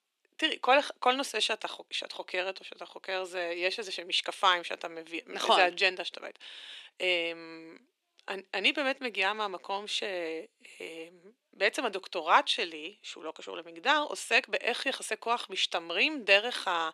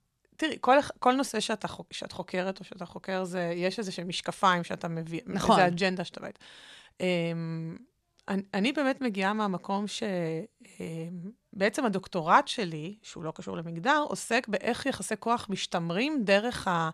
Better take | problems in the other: second | thin; somewhat; fading below 300 Hz

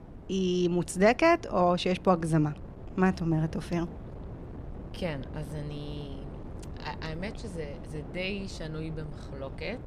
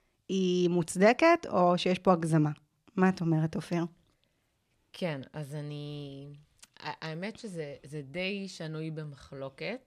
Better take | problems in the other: second | wind noise on the microphone; occasional gusts; 20 dB below the speech

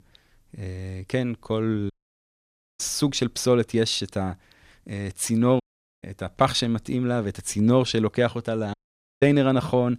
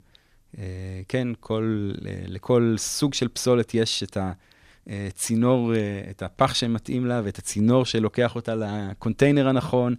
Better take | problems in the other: second | audio cutting out; at 2 s for 1 s, at 5.5 s and at 8.5 s

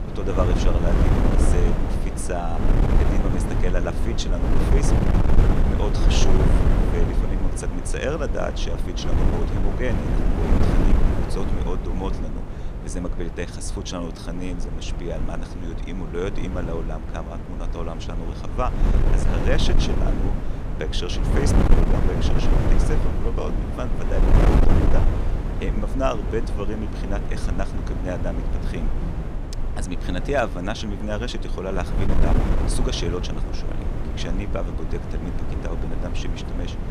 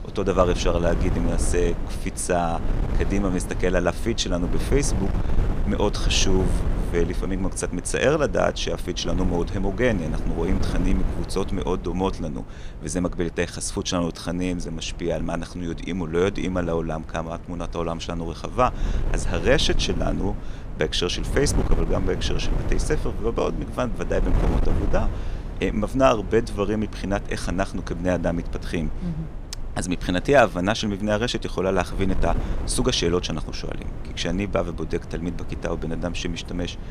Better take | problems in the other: second | wind noise on the microphone; heavy; 1 dB below the speech; occasional gusts in the second

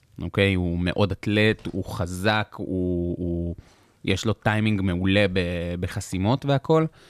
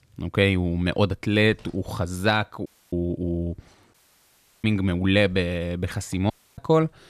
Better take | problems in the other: first | audio cutting out; at 2.5 s, at 4 s for 0.5 s and at 6.5 s

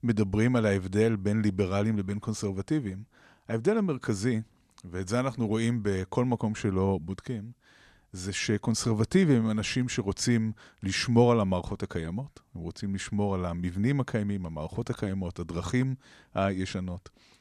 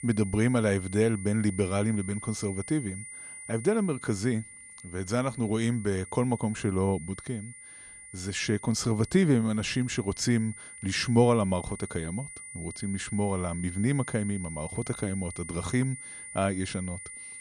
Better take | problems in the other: first | high-pitched whine; noticeable; throughout; 9.5 kHz, 15 dB below the speech

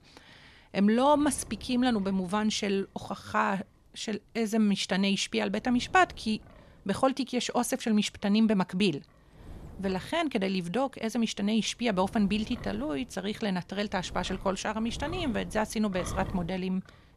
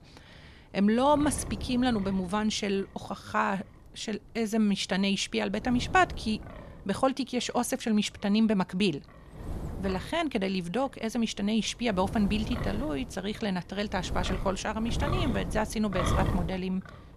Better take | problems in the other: first | wind noise on the microphone; heavy; 10 dB below the speech; occasional gusts in the first

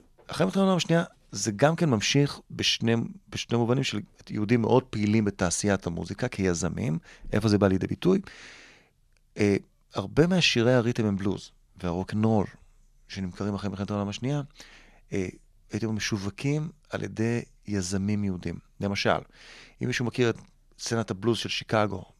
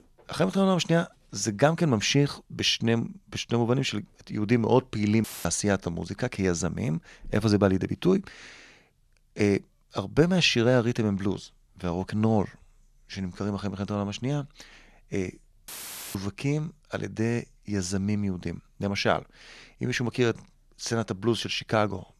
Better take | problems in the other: first | audio cutting out; filled with static; at 5 s and at 16 s

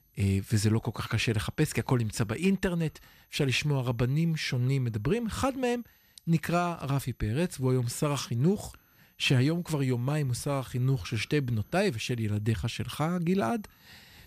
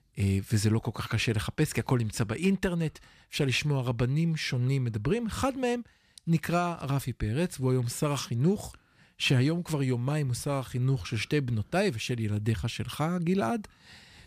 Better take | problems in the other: second | high-pitched whine; faint; throughout; 12 kHz, 35 dB below the speech

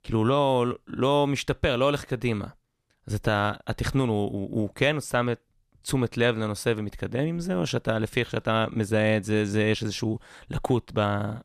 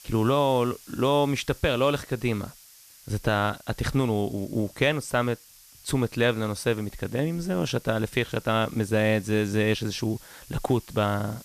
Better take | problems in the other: first | hiss; faint; throughout; 20 dB below the speech

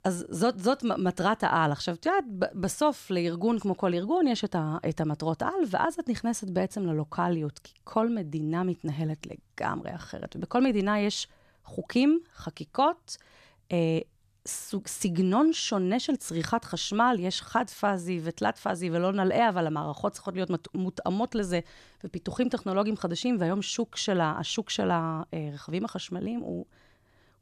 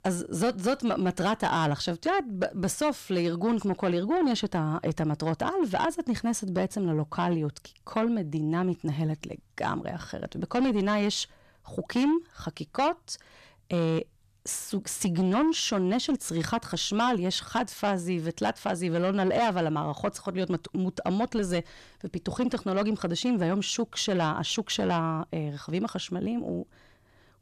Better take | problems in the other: first | distortion; slight; 10 dB below the speech

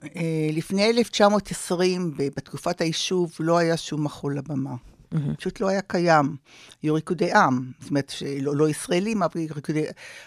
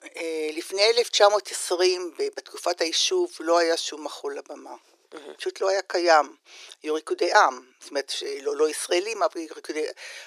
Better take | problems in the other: first | thin; very; fading below 350 Hz

